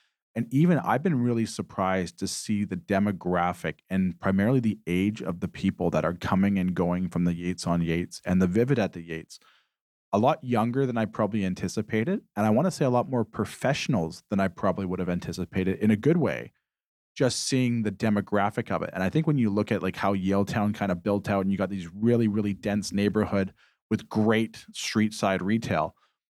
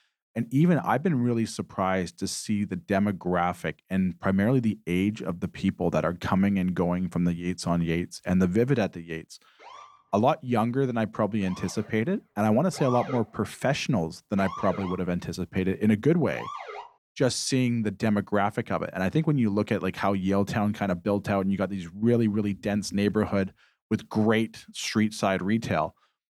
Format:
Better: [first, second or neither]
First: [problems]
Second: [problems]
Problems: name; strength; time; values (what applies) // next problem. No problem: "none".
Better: first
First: none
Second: siren; noticeable; from 9.5 to 17 s; peak 8 dB below the speech